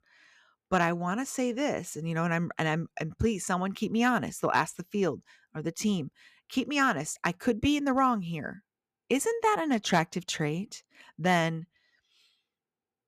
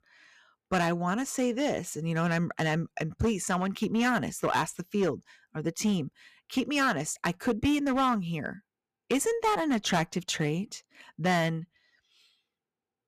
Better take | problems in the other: first | distortion; slight; 5% of the sound clipped

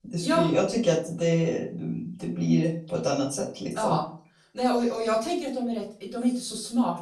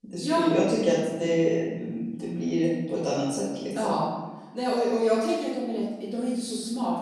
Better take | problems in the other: first | room echo; strong; dies away in 1.1 s; slight in the first // off-mic speech; far; far in the first

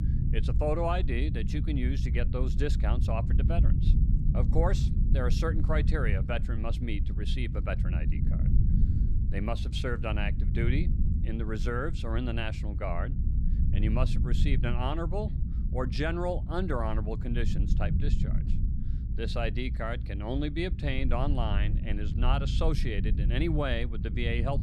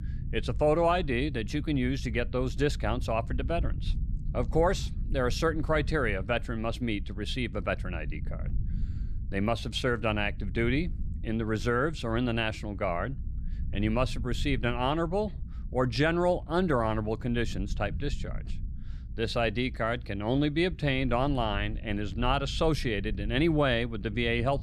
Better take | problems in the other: second | low rumble; loud; throughout; 9 dB below the speech; faint in the second

